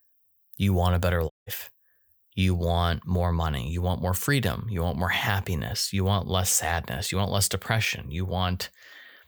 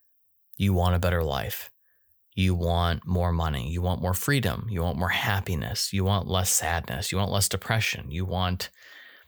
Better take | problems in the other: second | audio cutting out; at 1.5 s

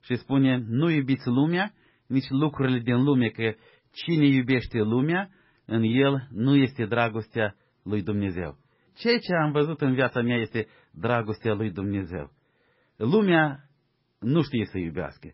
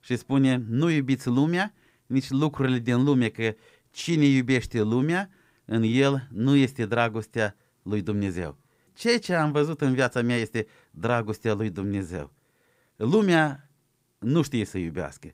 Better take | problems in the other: second | garbled, watery; badly; nothing above 5 kHz

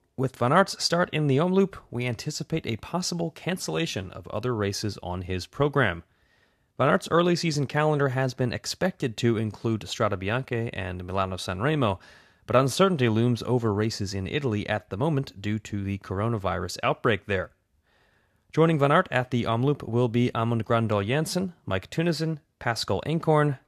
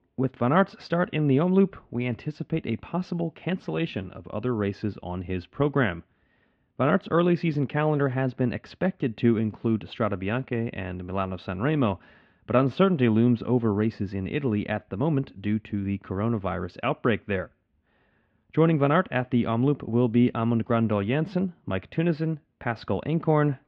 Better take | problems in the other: first | muffled; very; fading above 3 kHz

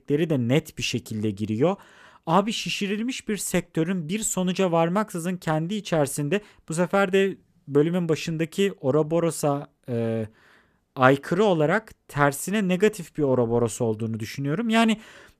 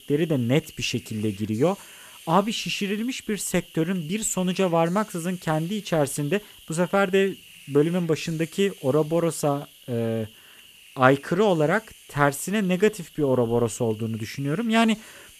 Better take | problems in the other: first | hiss; faint; throughout; 20 dB below the speech

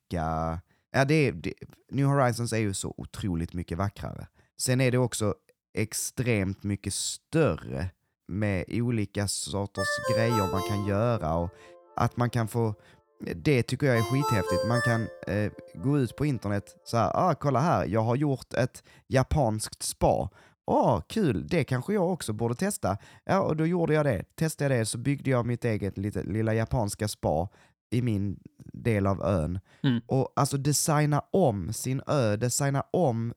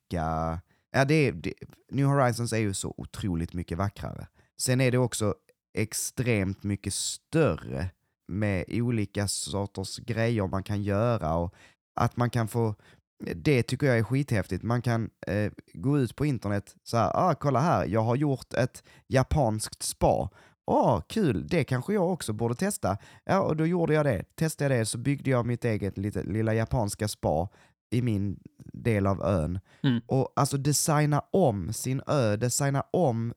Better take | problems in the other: second | phone ringing; noticeable; from 10 to 15 s; peak level with the speech

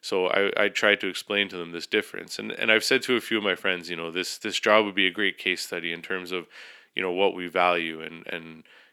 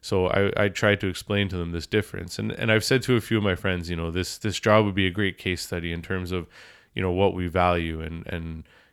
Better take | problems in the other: second | thin; somewhat; fading below 250 Hz

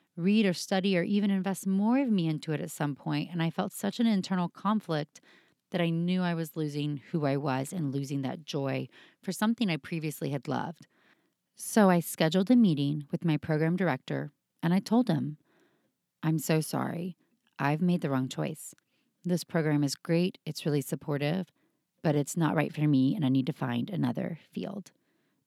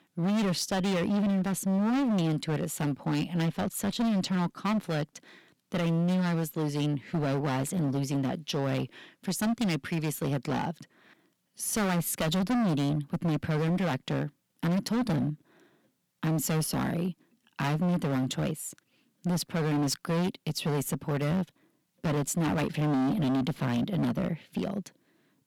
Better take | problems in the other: first | distortion; heavy; 21% of the sound clipped

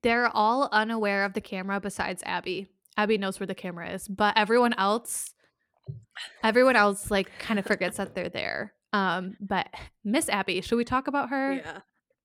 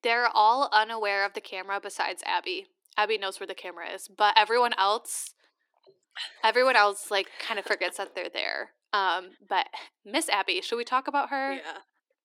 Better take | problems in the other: first | thin; very; fading below 300 Hz

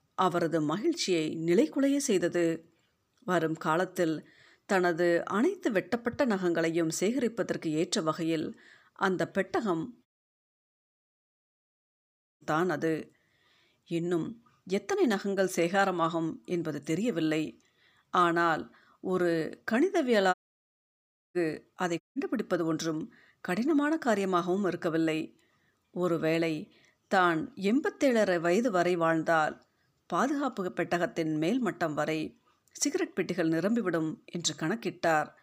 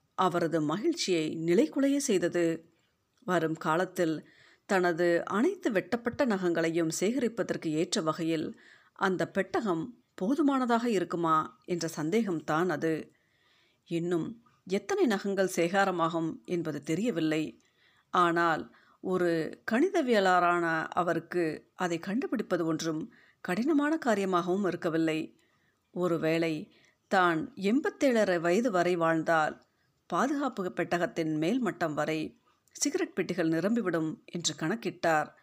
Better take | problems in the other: second | audio cutting out; at 10 s for 2.5 s, at 20 s for 1 s and at 22 s

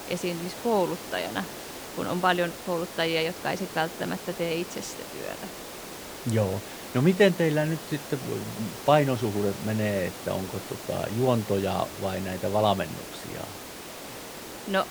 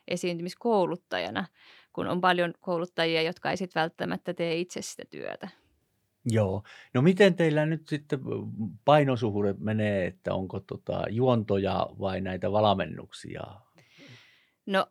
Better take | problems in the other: second | hiss; noticeable; throughout; 10 dB below the speech

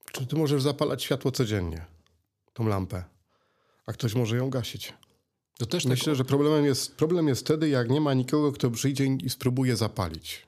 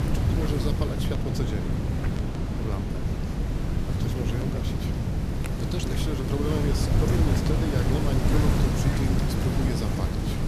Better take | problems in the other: first | wind noise on the microphone; heavy; 2 dB above the speech

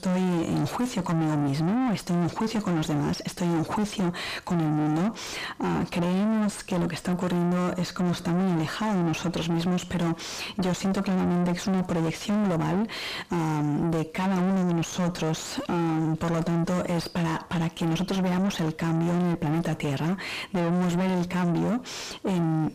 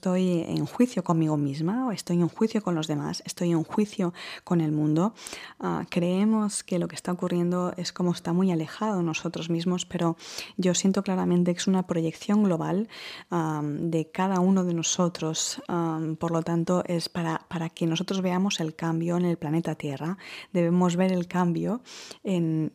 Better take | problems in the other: second | distortion; heavy; 6 dB below the speech

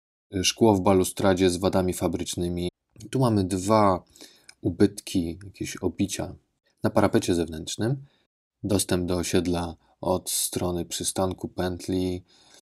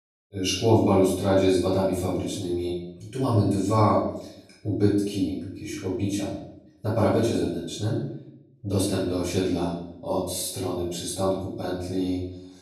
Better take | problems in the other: first | off-mic speech; far // room echo; noticeable; dies away in 0.7 s

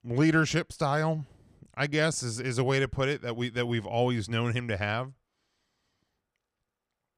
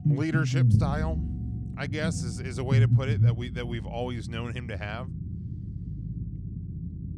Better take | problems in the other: first | low rumble; loud; throughout; 6 dB below the speech

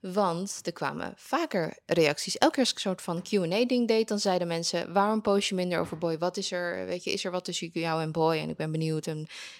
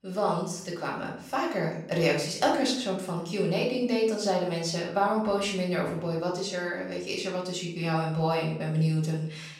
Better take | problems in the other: first | off-mic speech; far // room echo; noticeable; dies away in 0.6 s

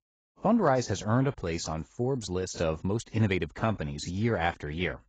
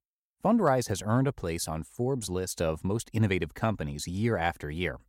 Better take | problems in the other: second | garbled, watery; badly; nothing above 7.5 kHz

